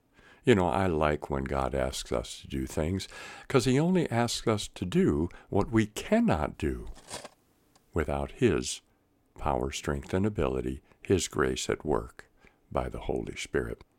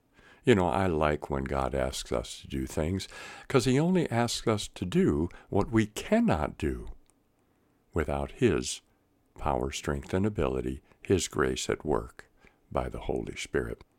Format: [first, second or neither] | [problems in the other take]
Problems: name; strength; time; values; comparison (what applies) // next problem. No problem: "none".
second | clattering dishes; faint; at 7 s; peak 15 dB below the speech